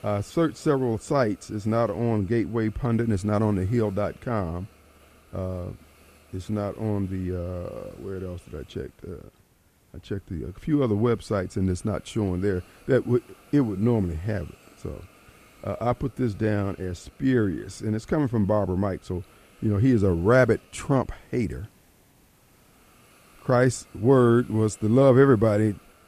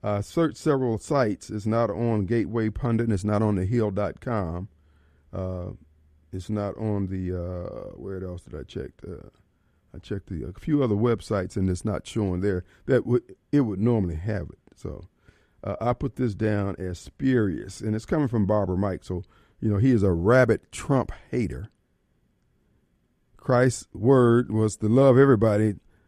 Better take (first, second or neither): second